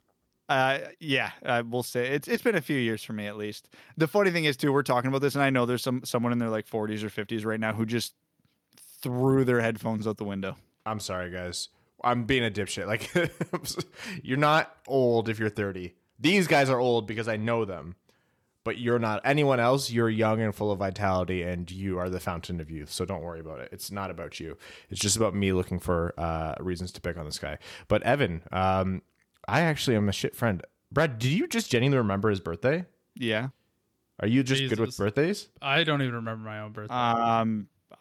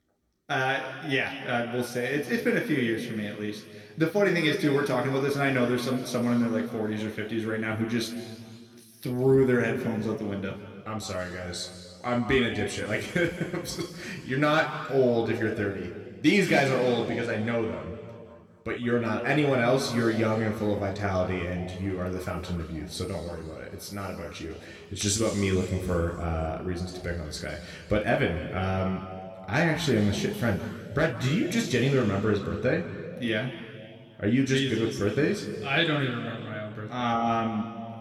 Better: first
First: none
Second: room echo; noticeable; dies away in 2 s // off-mic speech; somewhat distant

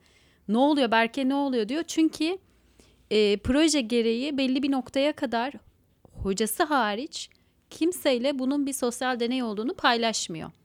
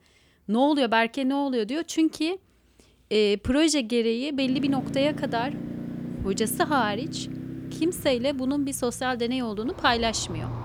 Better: first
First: none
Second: traffic noise; noticeable; from 4.5 s on; 10 dB below the speech

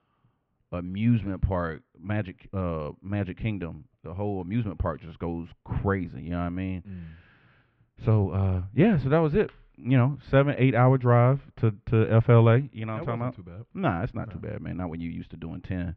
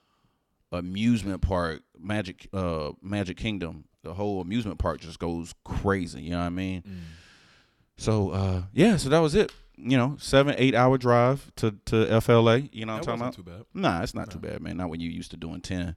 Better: second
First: muffled; very; fading above 2.5 kHz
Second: none

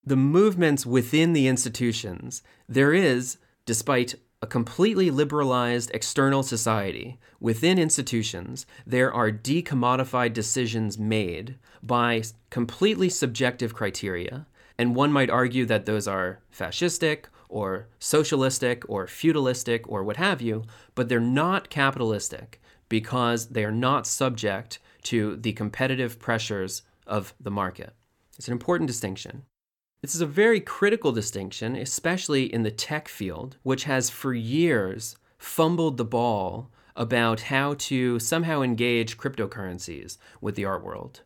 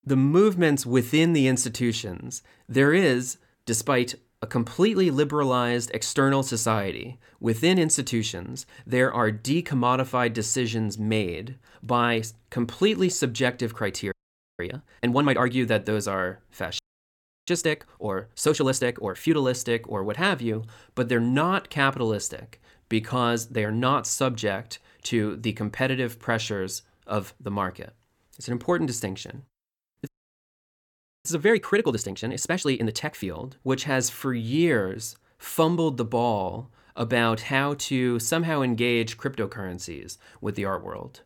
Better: first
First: none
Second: audio freezing; at 14 s, at 17 s for 0.5 s and at 30 s for 1 s

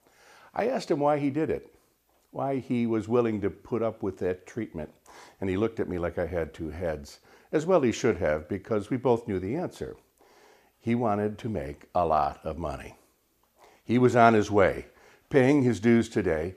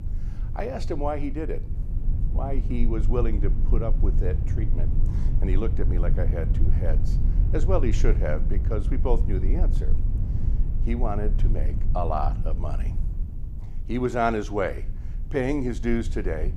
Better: first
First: none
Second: low rumble; noticeable; throughout; 15 dB below the speech

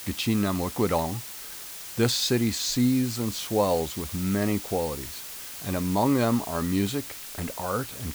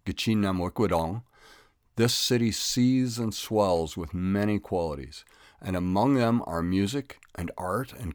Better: second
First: hiss; loud; throughout; 10 dB below the speech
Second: none

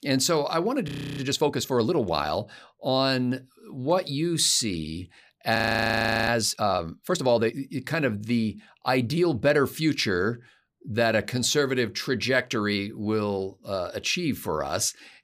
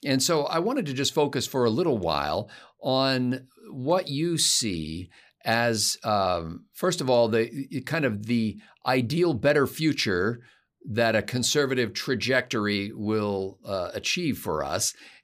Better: second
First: audio freezing; at 1 s and at 5.5 s for 0.5 s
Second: none

